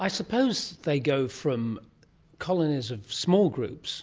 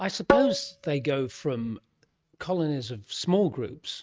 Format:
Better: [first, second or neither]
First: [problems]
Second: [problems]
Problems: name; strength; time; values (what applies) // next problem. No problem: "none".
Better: first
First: none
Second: noise reduction (neural mask model RNNoise)